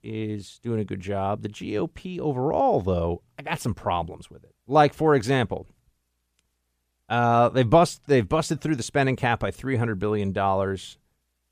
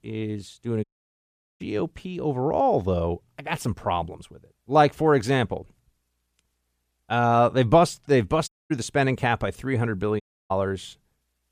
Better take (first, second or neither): first